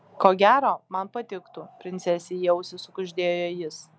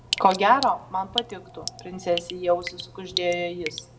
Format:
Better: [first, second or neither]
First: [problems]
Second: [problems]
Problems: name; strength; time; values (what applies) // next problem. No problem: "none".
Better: first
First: none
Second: background sound (Drip); 10 dB below the speech // room echo; dies away in 0.4 s